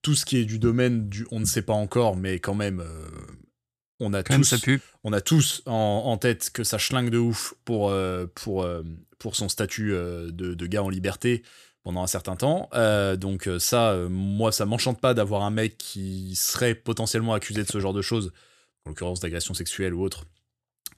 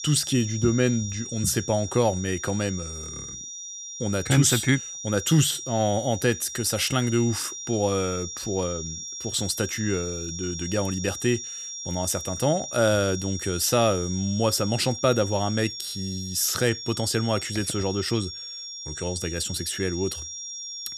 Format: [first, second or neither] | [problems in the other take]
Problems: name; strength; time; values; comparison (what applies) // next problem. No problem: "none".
first | high-pitched whine; loud; throughout; 5.5 kHz, 8 dB below the speech